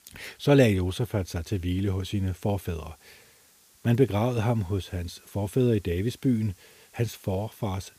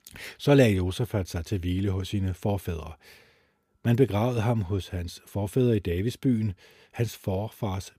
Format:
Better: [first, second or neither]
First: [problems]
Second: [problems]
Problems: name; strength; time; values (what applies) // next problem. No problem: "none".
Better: second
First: hiss; faint; throughout; 30 dB below the speech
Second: none